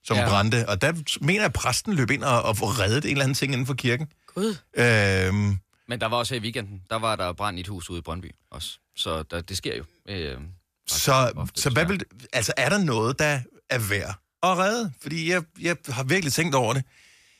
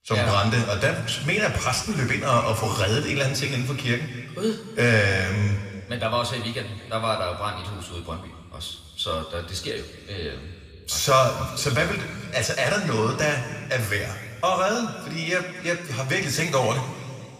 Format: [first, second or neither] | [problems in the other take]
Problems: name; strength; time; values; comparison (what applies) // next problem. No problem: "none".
first | room echo; noticeable; dies away in 2.2 s // off-mic speech; somewhat distant